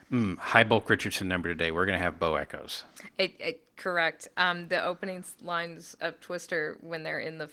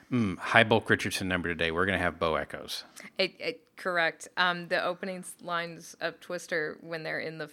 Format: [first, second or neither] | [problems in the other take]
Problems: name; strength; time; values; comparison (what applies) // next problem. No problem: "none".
second | garbled, watery; slightly; nothing above 18.5 kHz